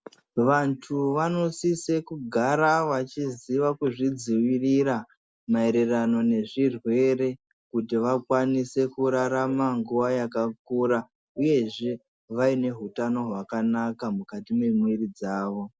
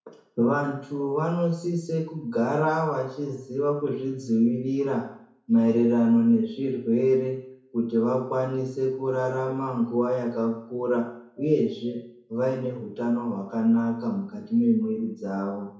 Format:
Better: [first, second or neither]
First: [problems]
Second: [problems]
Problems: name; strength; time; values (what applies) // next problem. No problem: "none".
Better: first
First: none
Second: room echo; dies away in 0.6 s